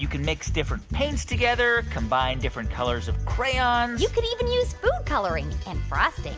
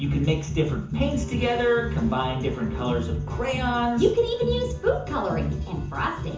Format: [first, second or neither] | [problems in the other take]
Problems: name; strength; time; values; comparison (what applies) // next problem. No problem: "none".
first | background sound (Bowed string instrument); 16 dB below the speech // room echo; dies away in 0.6 s